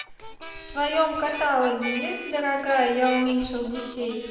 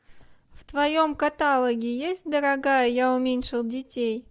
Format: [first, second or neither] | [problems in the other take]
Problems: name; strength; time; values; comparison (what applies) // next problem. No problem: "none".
second | background sound (Harmonica); 13 dB below the speech // room echo; dies away in 1.2 s